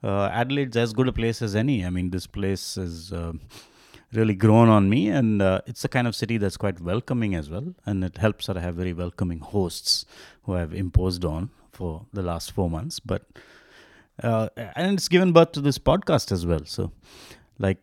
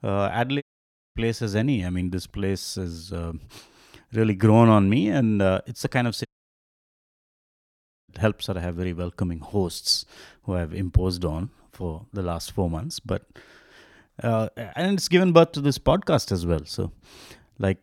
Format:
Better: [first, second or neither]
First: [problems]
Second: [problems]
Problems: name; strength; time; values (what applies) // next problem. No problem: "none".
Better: first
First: none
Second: audio cutting out; at 0.5 s for 0.5 s and at 6.5 s for 2 s